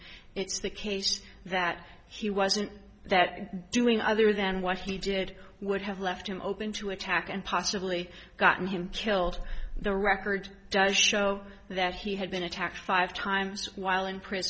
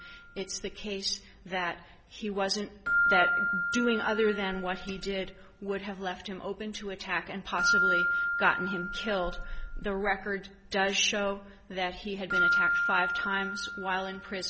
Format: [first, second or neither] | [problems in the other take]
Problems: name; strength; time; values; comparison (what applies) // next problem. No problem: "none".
first | background sound (Keyboard (musical)); as loud as the speech